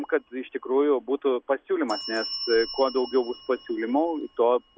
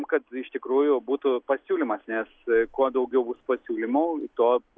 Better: second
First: background sound (Bell); 15 dB below the speech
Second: none

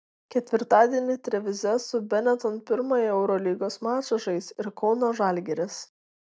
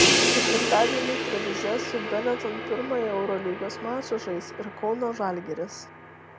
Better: first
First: none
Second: background sound (Crash cymbal); 1 dB above the speech

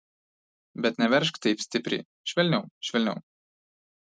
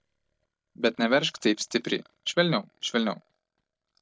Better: first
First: none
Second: noise reduction (neural mask model DeepFilterNet 3)

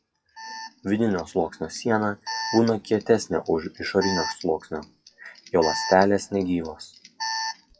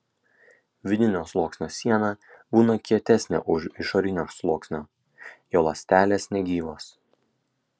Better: second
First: noise reduction (classical method WPE with log-MMSE)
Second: none

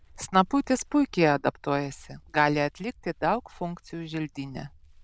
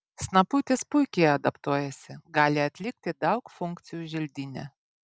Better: second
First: noise reduction (neural diffusion model UNIVERSE++)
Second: none

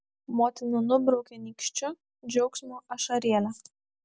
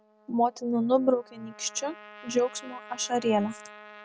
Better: first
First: none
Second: background sound (Trumpet); 20 dB below the speech

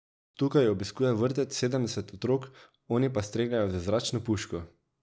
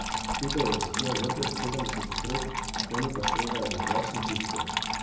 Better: first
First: none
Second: background sound (Trickle, dribble / Water tap, faucet); 3 dB above the speech // room echo; dies away in 1 s

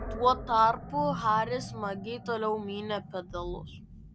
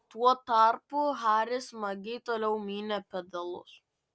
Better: second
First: background sound (Animal); 10 dB below the speech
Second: none

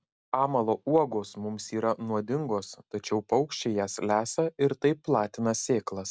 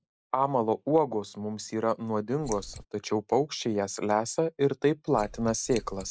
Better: first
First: none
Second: noise reduction (neural mask model Resemble Enhance denoiser)

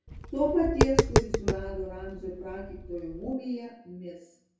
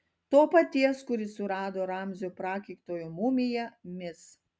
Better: second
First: background sound (Tap); 3 dB above the speech // room echo; dies away in 0.6 s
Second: none

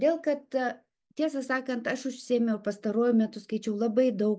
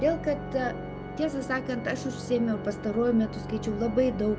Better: first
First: none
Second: background sound (Organ); 8 dB below the speech

